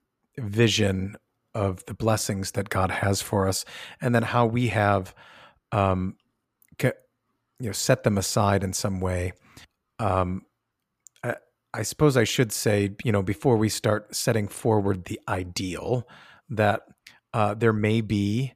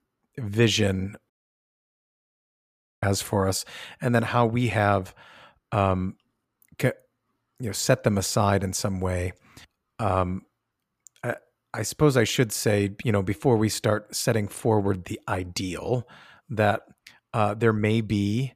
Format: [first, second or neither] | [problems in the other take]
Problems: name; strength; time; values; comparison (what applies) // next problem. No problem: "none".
first | audio cutting out; at 1.5 s for 1.5 s